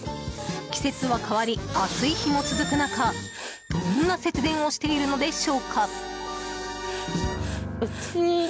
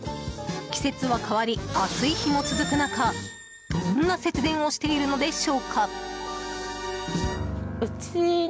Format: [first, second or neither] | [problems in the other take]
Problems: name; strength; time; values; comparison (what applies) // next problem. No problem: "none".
second | background sound (Writing); 18 dB below the speech